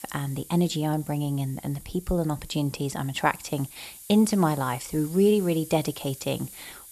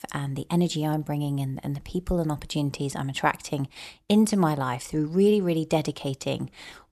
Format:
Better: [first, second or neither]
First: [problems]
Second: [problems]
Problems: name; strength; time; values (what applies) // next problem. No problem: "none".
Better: second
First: hiss; noticeable; throughout; 15 dB below the speech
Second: none